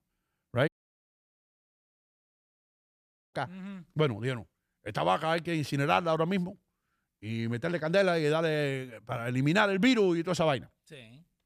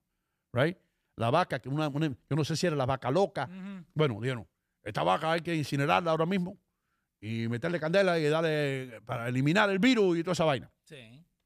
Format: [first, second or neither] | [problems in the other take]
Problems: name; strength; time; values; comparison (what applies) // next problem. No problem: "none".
second | audio cutting out; at 0.5 s for 2.5 s